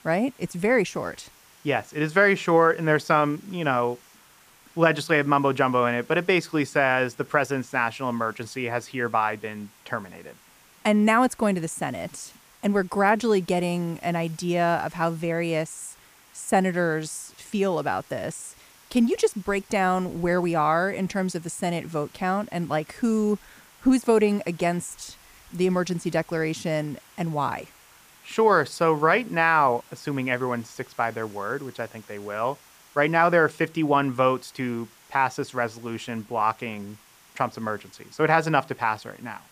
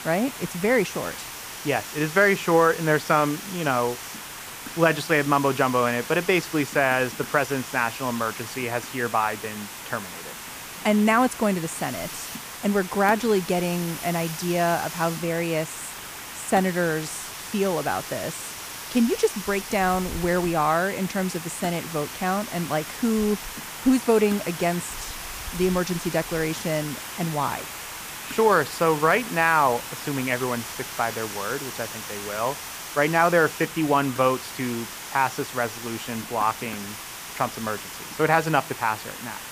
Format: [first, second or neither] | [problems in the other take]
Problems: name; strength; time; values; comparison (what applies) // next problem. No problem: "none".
first | hiss; loud; throughout; 10 dB below the speech; faint in the first